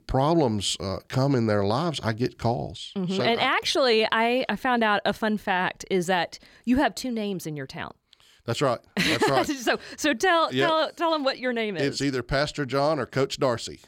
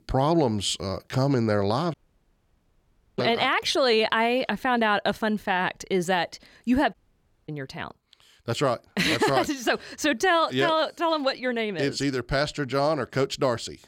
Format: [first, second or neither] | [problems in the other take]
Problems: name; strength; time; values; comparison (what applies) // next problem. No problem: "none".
first | audio cutting out; at 2 s for 1 s and at 7 s for 0.5 s